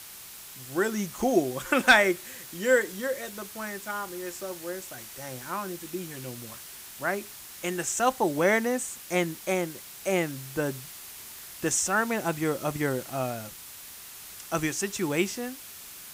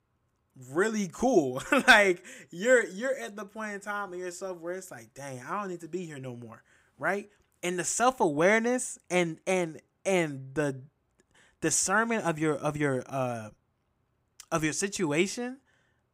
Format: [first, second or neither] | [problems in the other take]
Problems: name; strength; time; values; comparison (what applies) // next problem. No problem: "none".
second | hiss; noticeable; throughout; 15 dB below the speech